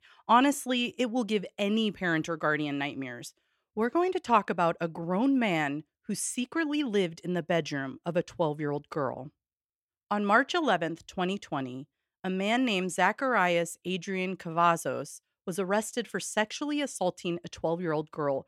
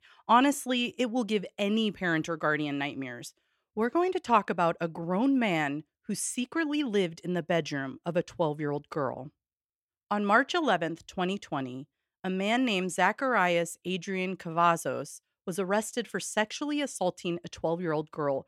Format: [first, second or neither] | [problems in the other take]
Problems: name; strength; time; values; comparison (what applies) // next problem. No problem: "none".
neither | none